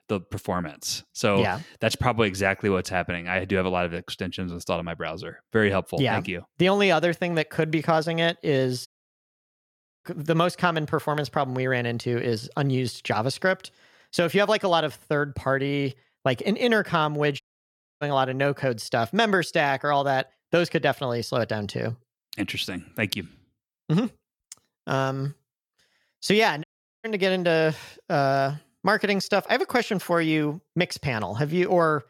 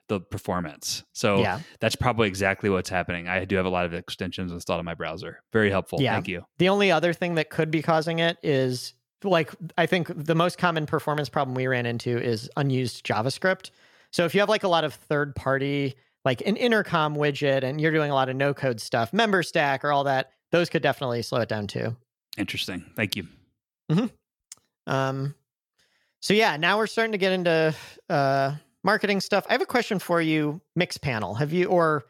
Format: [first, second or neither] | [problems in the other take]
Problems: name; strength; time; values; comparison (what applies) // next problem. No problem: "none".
second | audio cutting out; at 9 s for 1 s, at 17 s for 0.5 s and at 27 s